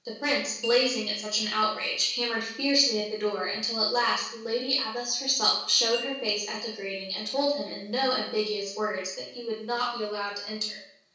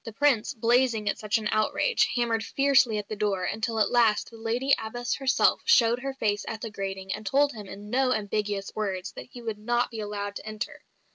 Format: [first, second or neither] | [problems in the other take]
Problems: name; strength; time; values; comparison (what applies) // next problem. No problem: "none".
second | background sound (Glockenspiel); 17 dB below the speech // room echo; dies away in 0.6 s